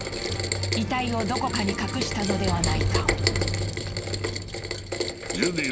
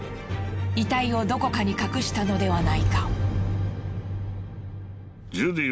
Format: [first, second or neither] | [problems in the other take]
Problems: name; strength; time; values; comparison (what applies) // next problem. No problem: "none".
second | background sound (Rain); 3 dB below the speech